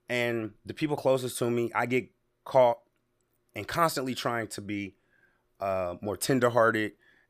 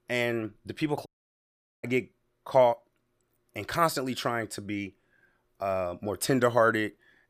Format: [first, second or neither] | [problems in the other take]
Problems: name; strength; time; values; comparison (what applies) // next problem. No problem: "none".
first | audio cutting out; at 1 s for 1 s